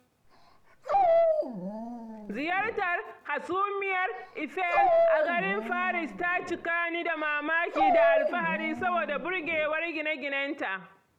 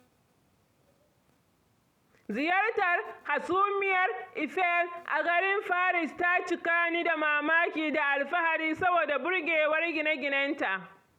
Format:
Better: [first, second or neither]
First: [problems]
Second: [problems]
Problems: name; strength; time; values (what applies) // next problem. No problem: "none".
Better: second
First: background sound (Dog); 2 dB above the speech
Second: none